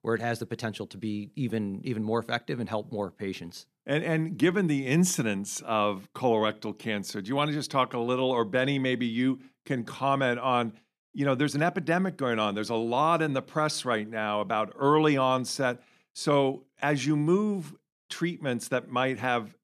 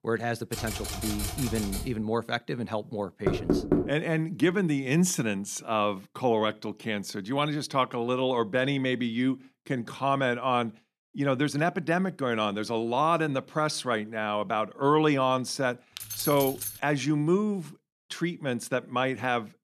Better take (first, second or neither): first